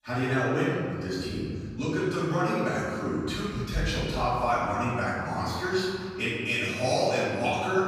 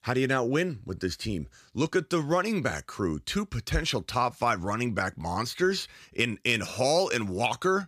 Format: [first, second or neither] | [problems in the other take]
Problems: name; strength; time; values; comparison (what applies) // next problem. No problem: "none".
second | room echo; strong; dies away in 2 s // off-mic speech; far